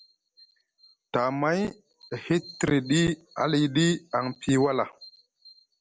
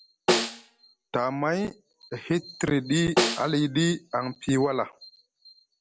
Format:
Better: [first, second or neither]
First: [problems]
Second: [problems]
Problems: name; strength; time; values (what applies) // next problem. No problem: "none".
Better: first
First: none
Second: background sound (Snare drum); 1 dB below the speech